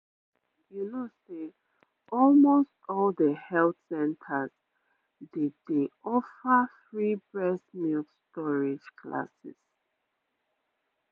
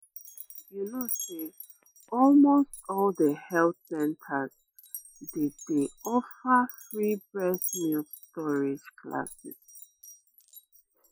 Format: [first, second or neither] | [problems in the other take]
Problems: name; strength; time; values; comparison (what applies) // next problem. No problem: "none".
first | noise reduction (classical method Wiener filter)